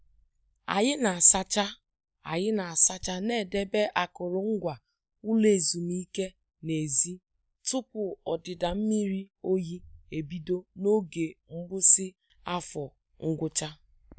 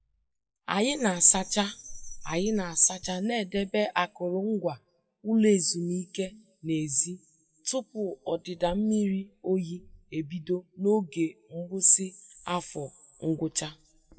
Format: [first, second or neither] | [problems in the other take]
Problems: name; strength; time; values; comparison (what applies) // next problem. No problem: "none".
first | noise reduction (classical method WPE with log-MMSE)